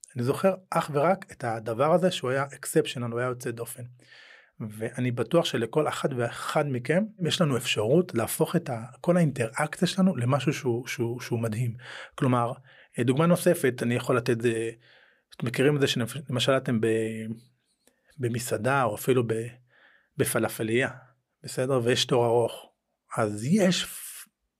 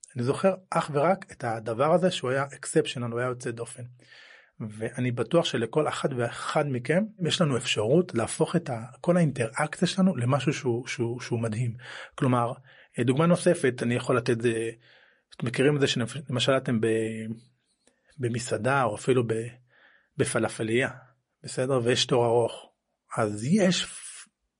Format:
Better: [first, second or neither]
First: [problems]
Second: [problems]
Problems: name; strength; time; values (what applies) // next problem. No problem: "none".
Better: first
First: none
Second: garbled, watery; slightly; nothing above 10.5 kHz